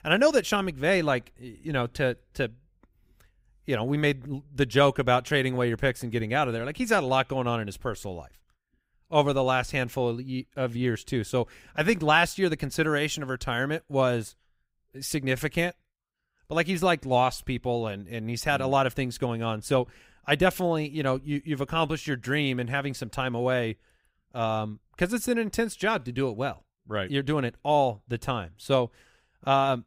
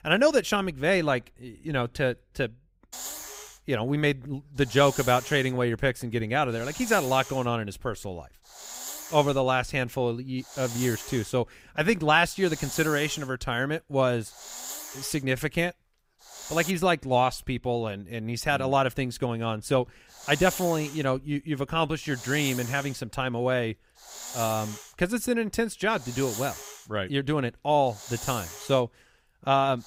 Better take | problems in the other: first | hiss; noticeable; from 3 to 17 s and from 20 s on; 10 dB below the speech

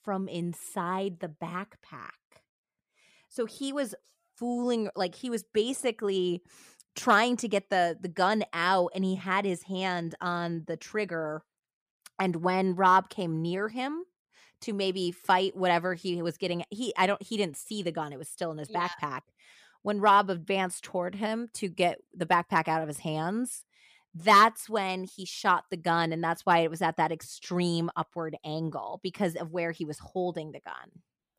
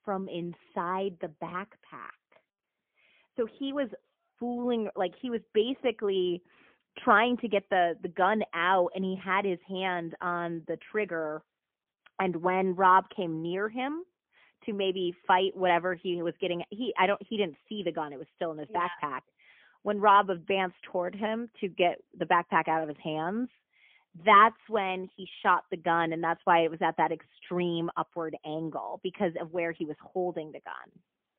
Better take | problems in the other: first | phone-call audio; poor line; nothing above 3.5 kHz

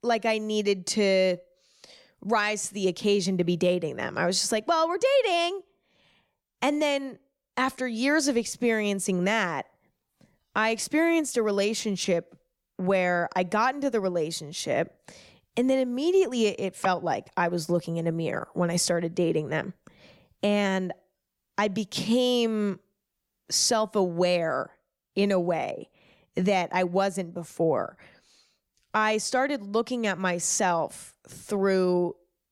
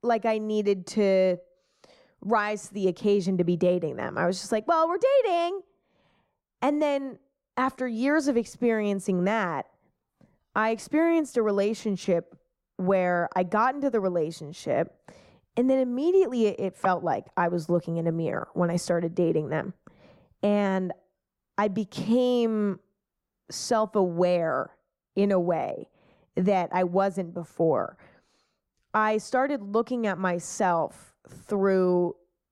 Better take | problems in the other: first | muffled; slightly; fading above 1.5 kHz

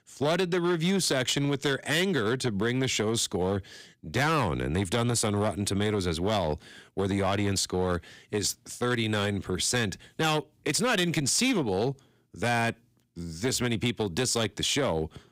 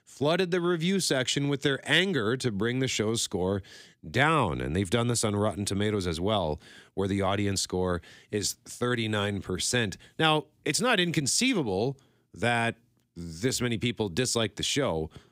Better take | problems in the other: second | distortion; slight; 7% of the sound clipped

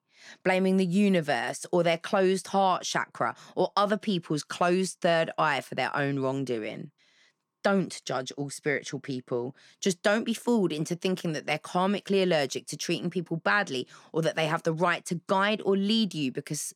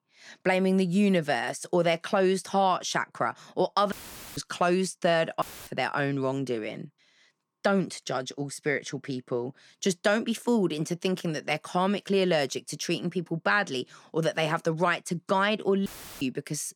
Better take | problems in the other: first | audio cutting out; filled with static; at 4 s, at 5.5 s and at 16 s

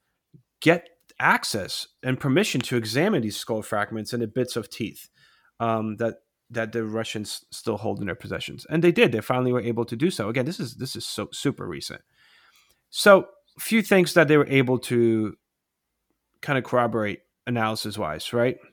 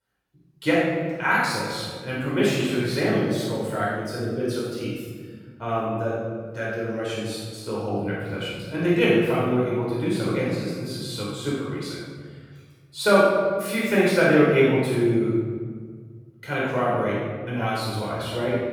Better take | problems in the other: first | off-mic speech; far // room echo; strong; dies away in 1.6 s

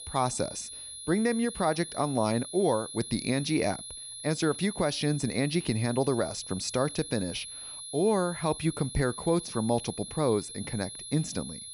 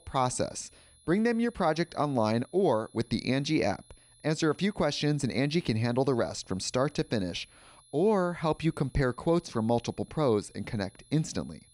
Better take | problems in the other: second | high-pitched whine; loud; throughout; 10.5 kHz, 9 dB below the speech; faint in the second

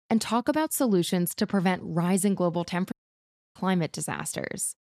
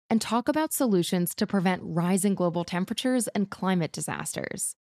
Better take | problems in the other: second | audio cutting out; at 3 s for 0.5 s

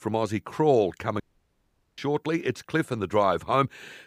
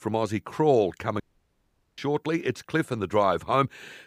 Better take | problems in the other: neither | audio cutting out; at 1 s for 1 s; the same in both

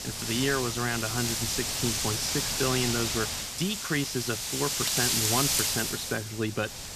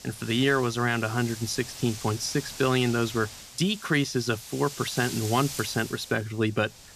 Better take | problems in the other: second | wind noise on the microphone; heavy; 3 dB above the speech; occasional gusts in the second

